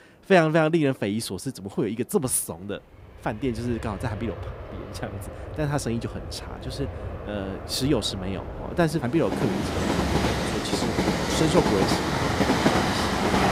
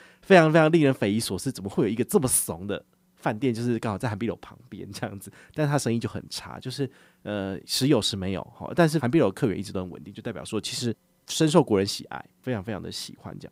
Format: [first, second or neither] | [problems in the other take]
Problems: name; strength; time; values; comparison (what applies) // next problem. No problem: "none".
second | train or aircraft noise; loud; throughout; 1 dB below the speech